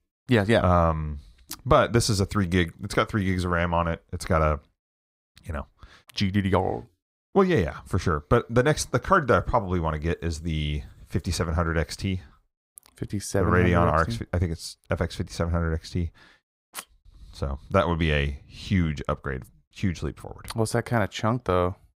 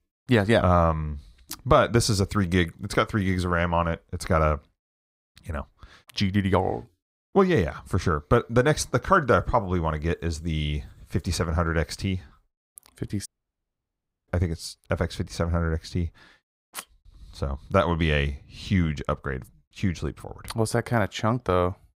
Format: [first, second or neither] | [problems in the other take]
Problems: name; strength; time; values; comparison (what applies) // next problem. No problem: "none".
first | audio cutting out; at 13 s for 1 s